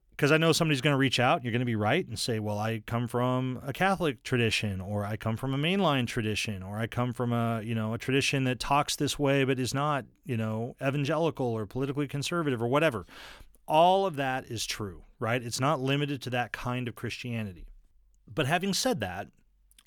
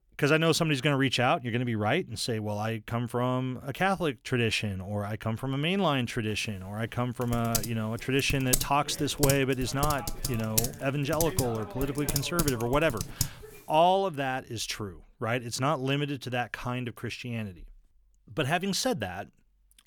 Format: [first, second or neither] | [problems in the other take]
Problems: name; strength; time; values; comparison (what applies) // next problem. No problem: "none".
first | keyboard typing; loud; from 7.5 to 13 s; peak 1 dB above the speech